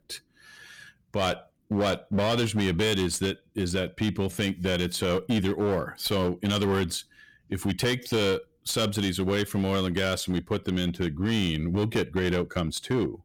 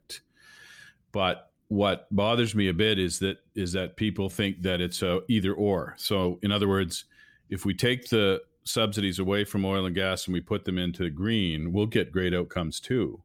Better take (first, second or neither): second